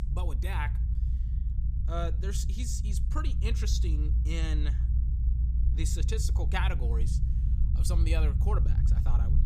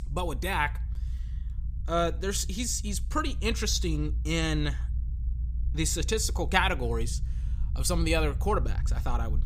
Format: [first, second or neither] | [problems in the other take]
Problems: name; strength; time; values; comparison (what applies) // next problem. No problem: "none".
second | low rumble; loud; throughout; 8 dB below the speech; faint in the second